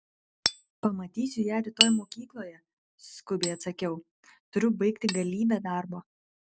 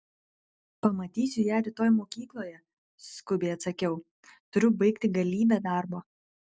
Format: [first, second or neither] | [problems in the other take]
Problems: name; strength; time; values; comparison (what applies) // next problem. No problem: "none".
second | background sound (Hammer); 5 dB below the speech